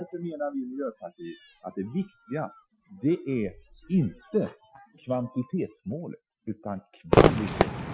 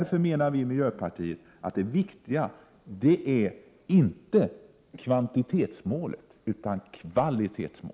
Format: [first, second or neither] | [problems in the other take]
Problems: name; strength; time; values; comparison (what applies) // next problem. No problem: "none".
second | noise reduction (classical method Wiener filter)